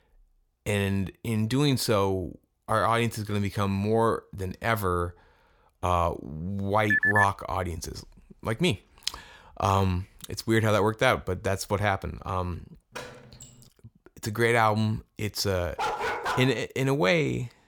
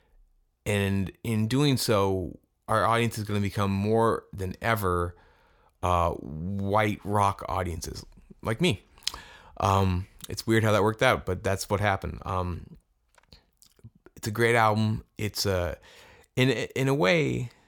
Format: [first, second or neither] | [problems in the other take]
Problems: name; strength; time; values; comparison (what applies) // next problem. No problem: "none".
second | phone ringing; loud; at 7 s; peak 5 dB above the speech // door banging; faint; at 13 s; peak 15 dB below the speech // dog barking; noticeable; at 16 s; peak 2 dB below the speech